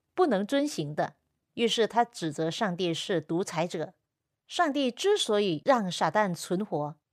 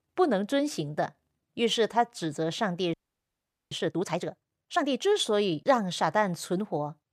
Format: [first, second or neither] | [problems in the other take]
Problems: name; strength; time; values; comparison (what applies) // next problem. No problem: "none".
first | audio freezing; at 3 s for 1 s